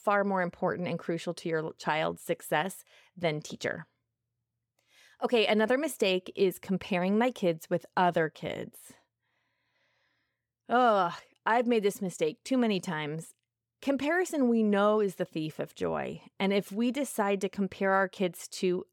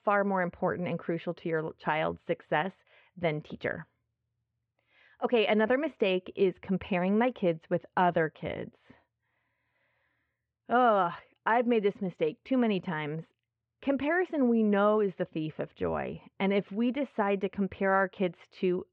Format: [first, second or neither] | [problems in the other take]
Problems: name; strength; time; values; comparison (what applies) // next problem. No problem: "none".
first | muffled; very; fading above 3 kHz